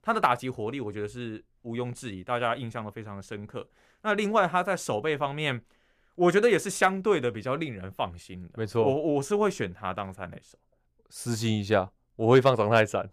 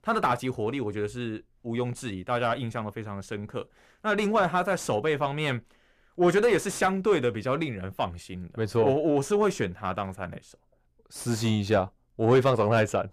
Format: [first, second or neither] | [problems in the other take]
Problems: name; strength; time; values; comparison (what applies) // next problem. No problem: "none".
first | distortion; slight; 10 dB below the speech